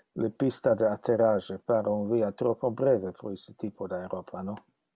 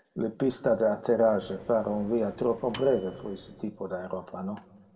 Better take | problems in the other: first | background sound (Microwave oven); 20 dB below the speech // room echo; dies away in 1.3 s

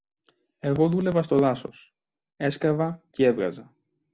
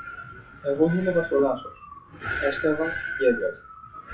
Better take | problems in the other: first | noise reduction (classical method WPE with log-MMSE)

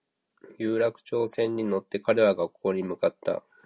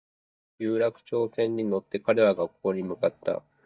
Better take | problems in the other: first | noise reduction (neural mask model DeepFilterNet 3)

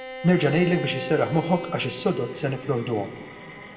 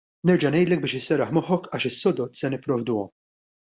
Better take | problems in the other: second | background sound (Bowed string instrument); 12 dB below the speech // room echo; dies away in 1.3 s

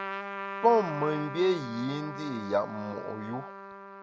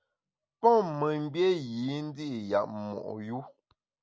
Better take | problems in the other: second | background sound (Trumpet); 9 dB below the speech

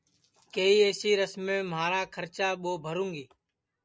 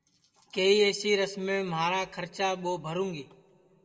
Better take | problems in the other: first | room echo; dies away in 1.6 s

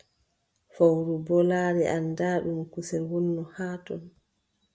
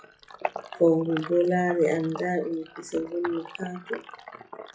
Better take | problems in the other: first | noise reduction (classical method WPE with log-MMSE)

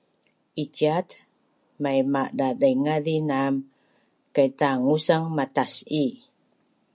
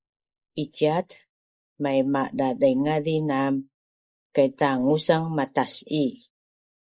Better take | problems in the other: first | noise reduction (neural mask model Resemble Enhance denoiser)

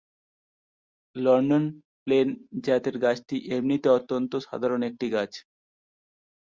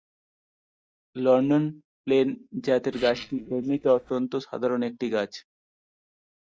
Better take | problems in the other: first | noise reduction (neural mask model DeepFilterNet 3)

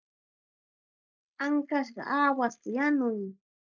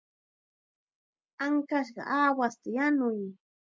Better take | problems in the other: second | noise reduction (neural mask model Resemble Enhance denoiser)

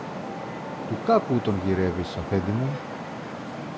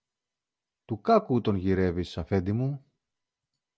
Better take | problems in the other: second | background sound (Traffic noise, roadway noise); 6 dB below the speech

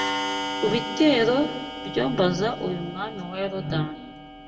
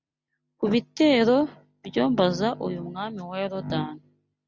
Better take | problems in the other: second | background sound (Clock); 7 dB below the speech // room echo; dies away in 1.4 s

